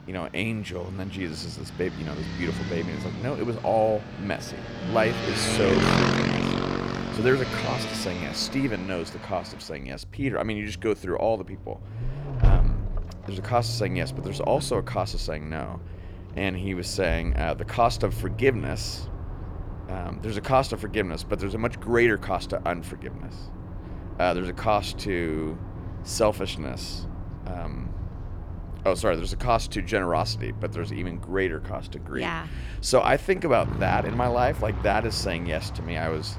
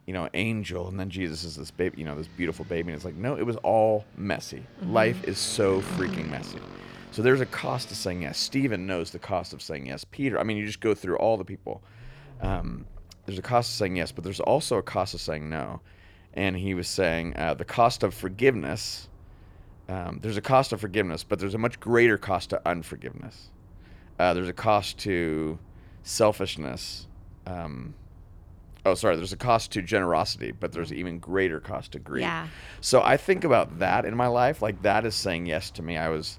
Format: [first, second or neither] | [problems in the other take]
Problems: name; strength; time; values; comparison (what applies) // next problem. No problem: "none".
second | traffic noise; loud; throughout; 5 dB below the speech; faint in the second